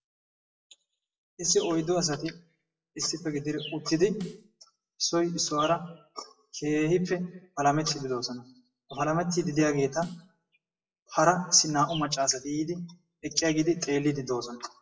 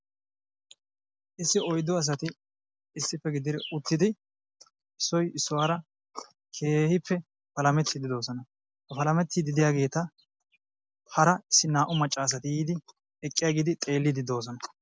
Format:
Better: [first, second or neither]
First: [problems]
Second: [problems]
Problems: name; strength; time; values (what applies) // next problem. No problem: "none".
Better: second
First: noise reduction (classical method WPE with log-MMSE)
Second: none